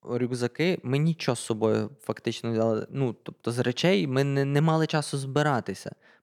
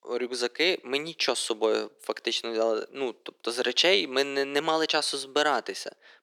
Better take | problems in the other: first | thin; very; fading below 350 Hz

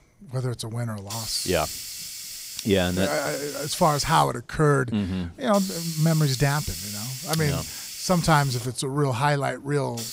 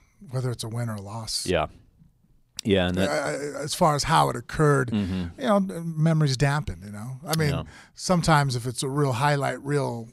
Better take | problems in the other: second | hiss; loud; throughout; 9 dB below the speech

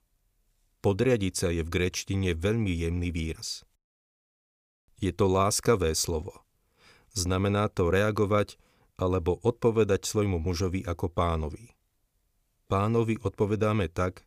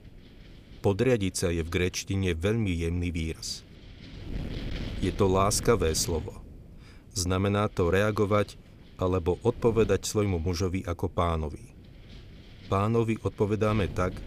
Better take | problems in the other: first | wind noise on the microphone; occasional gusts; 20 dB below the speech

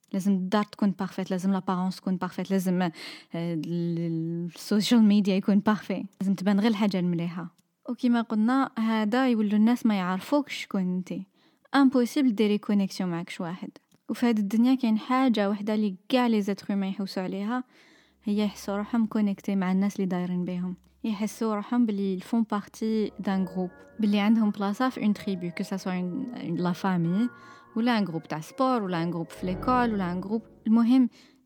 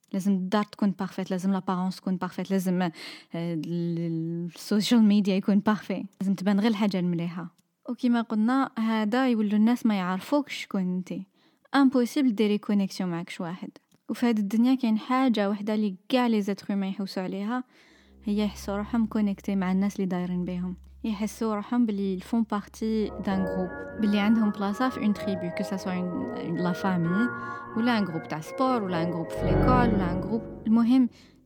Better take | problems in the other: first | background music; loud; from 19 s on; 6 dB below the speech; faint in the first

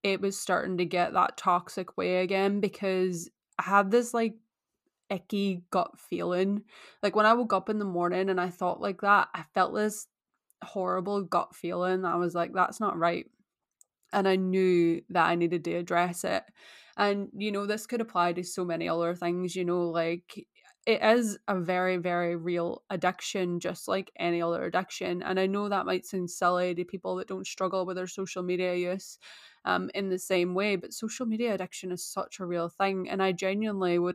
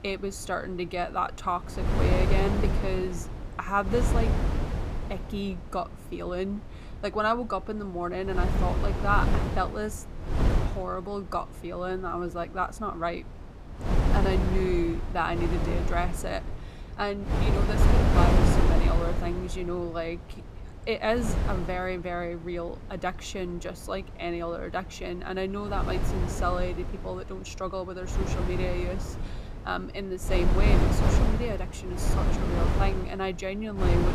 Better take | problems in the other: first | wind noise on the microphone; heavy; 3 dB below the speech

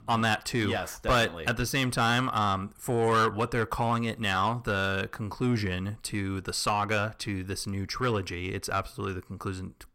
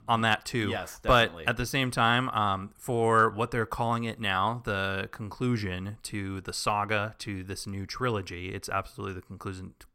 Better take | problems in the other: second | distortion; slight; 10 dB below the speech

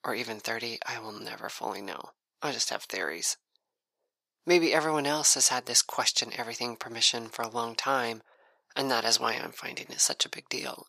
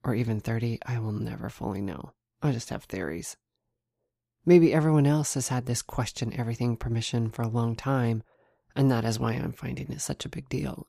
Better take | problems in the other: second | thin; very; fading below 650 Hz

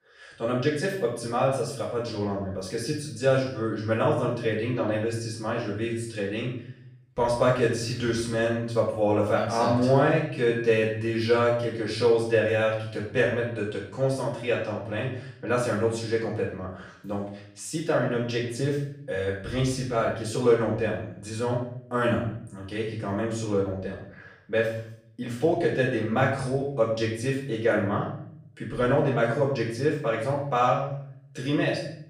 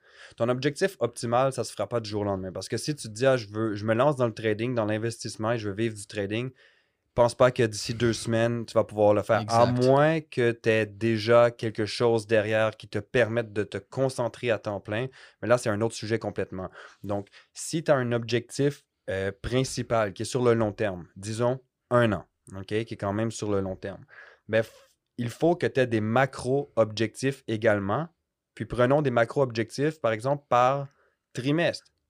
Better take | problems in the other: second | off-mic speech; far // room echo; noticeable; dies away in 0.6 s

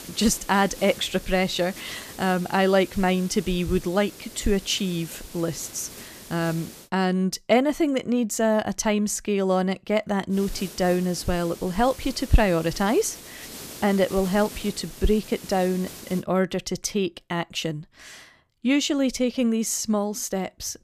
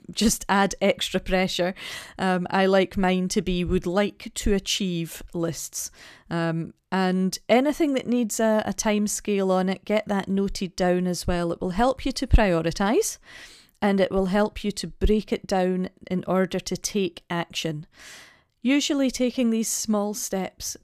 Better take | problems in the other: second | hiss; noticeable; until 7 s and from 10 to 16 s; 15 dB below the speech

